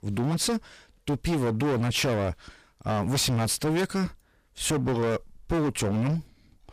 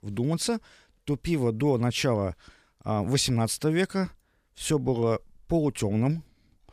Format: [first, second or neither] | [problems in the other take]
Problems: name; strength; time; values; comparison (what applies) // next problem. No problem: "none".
second | distortion; heavy; 21% of the sound clipped